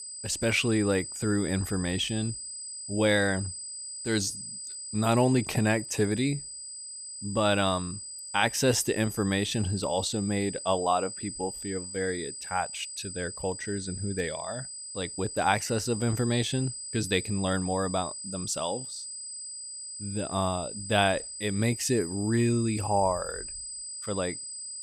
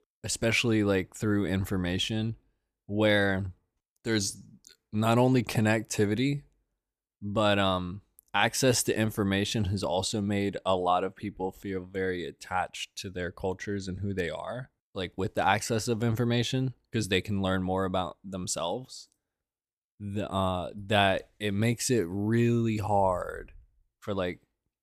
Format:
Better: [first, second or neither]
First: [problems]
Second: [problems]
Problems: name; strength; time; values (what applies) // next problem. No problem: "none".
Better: second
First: high-pitched whine; loud; throughout; 8 kHz, 8 dB below the speech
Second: none